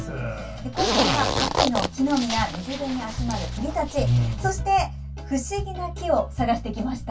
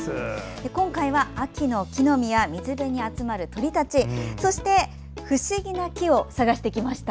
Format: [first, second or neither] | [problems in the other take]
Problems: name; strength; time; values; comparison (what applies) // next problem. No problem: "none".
second | background sound (Zipper (clothing)); 2 dB below the speech // room echo; dies away in 0.1 s